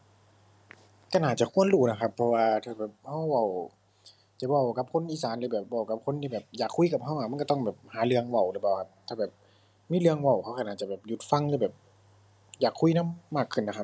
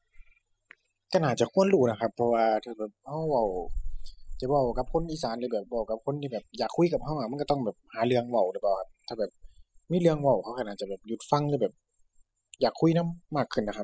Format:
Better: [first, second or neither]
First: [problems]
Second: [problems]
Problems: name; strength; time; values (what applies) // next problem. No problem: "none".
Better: first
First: none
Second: noise reduction (classical method spectral subtraction)